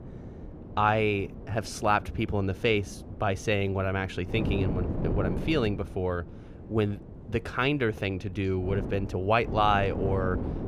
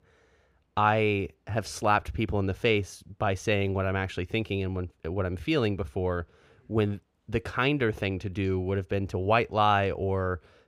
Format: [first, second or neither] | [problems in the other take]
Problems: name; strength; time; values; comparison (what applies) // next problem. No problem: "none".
second | wind noise on the microphone; occasional gusts; 15 dB below the speech